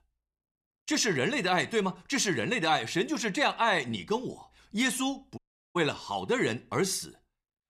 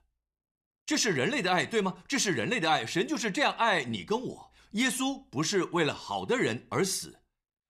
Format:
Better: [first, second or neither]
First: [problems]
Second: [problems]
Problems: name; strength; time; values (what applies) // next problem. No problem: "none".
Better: second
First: audio cutting out; at 5.5 s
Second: none